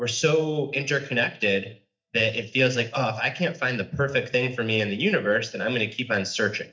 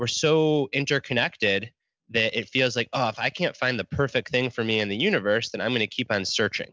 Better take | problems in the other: second | noise reduction (neural mask model DeepFilterNet 3)

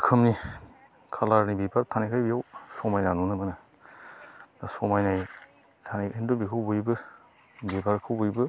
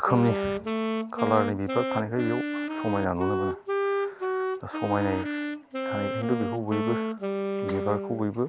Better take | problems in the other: first | background sound (Wind instrument, woodwind instrument); 1 dB below the speech

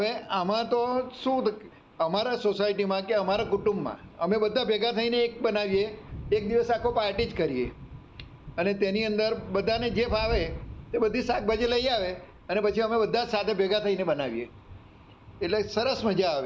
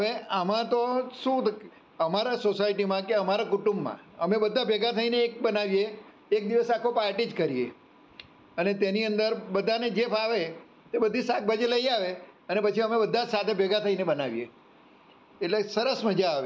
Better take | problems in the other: second | background sound (Thunder); 16 dB below the speech

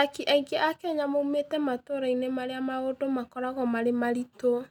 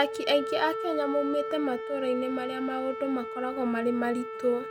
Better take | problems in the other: first | background sound (Wind instrument, woodwind instrument); 6 dB below the speech

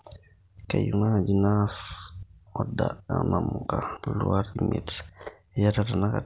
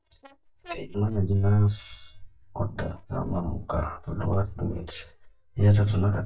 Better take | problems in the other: first | noise reduction (neural mask model DeepFilterNet 3)

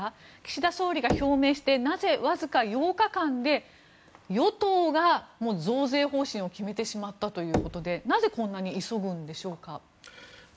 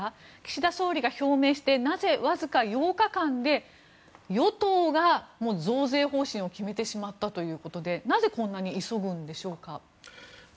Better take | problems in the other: second | background sound (Knock / Wood); 11 dB below the speech

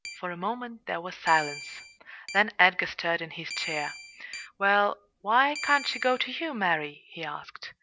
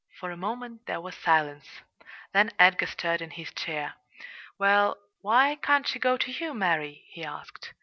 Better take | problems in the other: second | background sound (Keyboard (musical)); 14 dB below the speech

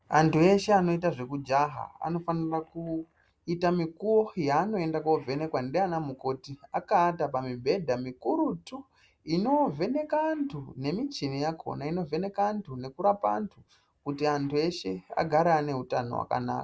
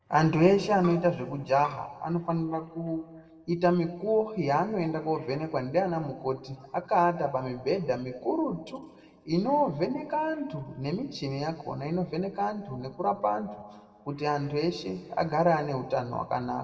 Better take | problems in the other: first | background sound (Bowed string instrument); 13 dB below the speech // room echo; dies away in 1.5 s

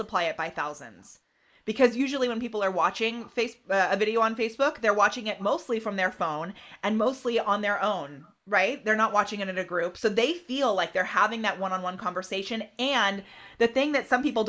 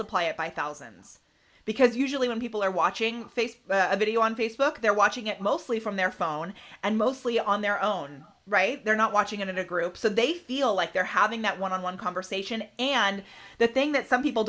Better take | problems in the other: second | noise reduction (neural mask model Resemble Enhance denoiser)

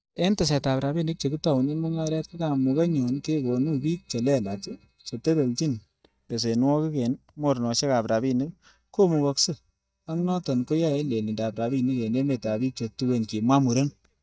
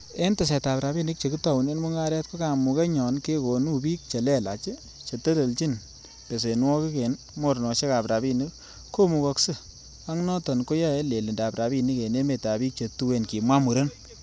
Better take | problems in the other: second | noise reduction (neural mask model DeepFilterNet 3)

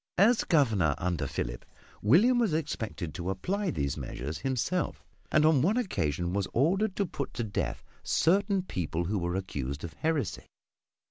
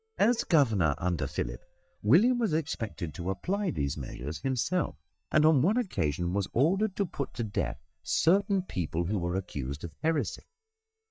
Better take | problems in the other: first | noise reduction (neural mask model DeepFilterNet 3)

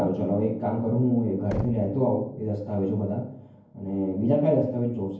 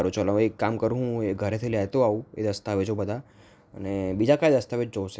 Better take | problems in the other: second | background sound (Knock); 16 dB below the speech // room echo; dies away in 0.9 s

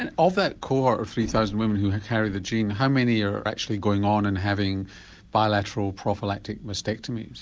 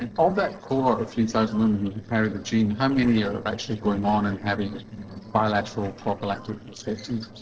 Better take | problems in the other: first | noise reduction (neural separator model SepFormer DNS4)

